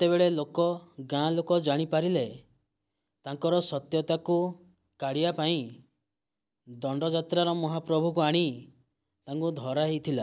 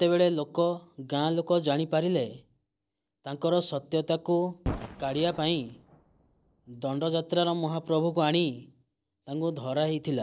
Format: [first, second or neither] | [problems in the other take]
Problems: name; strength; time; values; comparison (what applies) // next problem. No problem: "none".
first | noise reduction (neural separator model SepFormer DNS4)